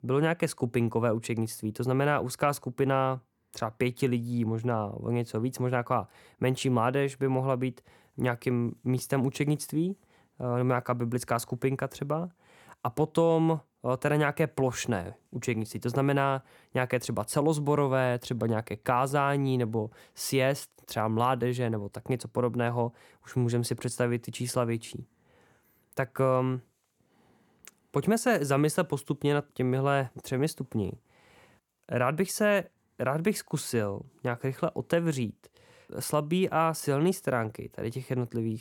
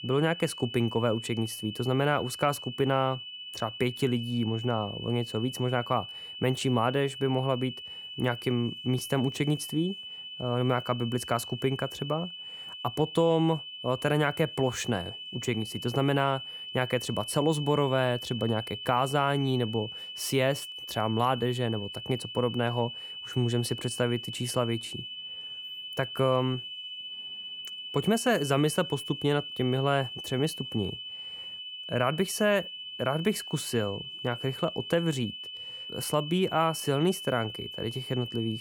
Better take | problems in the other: first | high-pitched whine; loud; throughout; 3 kHz, 9 dB below the speech

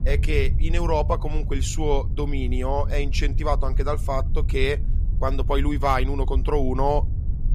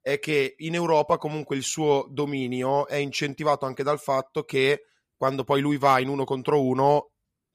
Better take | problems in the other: second | low rumble; noticeable; throughout; 20 dB below the speech

